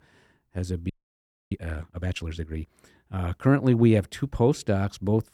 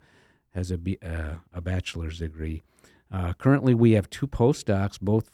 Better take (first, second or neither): second